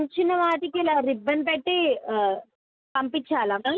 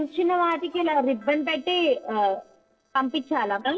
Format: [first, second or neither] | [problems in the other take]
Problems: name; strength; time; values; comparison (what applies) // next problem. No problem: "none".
first | noise reduction (neural separator model SepFormer DNS4)